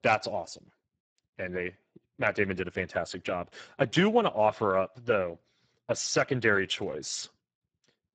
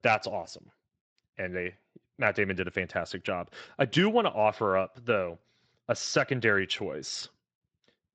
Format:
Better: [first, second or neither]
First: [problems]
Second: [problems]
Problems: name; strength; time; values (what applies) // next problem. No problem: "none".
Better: second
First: garbled, watery; badly; nothing above 7.5 kHz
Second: garbled, watery; slightly; nothing above 7.5 kHz